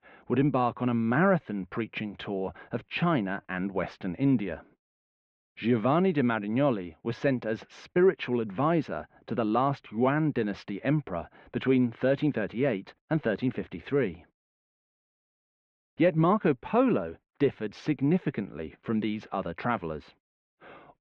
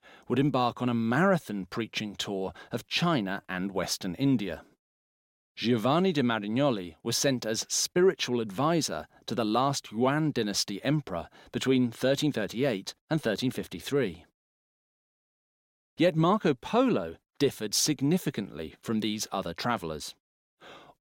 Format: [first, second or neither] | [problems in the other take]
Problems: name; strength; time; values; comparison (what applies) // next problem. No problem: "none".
second | muffled; very; fading above 2.5 kHz